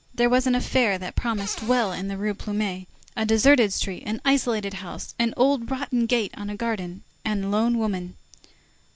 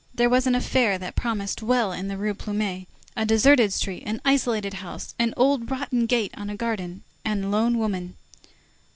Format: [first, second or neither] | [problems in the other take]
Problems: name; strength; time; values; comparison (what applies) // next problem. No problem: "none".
second | background sound (Cupboard open or close); 15 dB below the speech